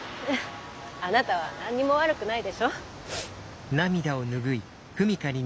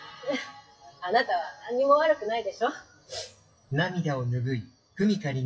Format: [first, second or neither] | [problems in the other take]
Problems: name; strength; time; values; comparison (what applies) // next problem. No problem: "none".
first | noise reduction (classical method WPE with log-MMSE)